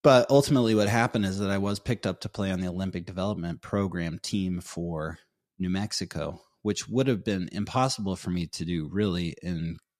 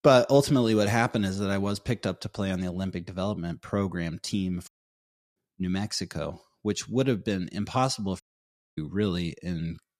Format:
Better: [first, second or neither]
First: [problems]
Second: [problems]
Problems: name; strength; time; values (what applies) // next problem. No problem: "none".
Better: first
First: none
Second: audio cutting out; at 4.5 s for 0.5 s and at 8 s for 0.5 s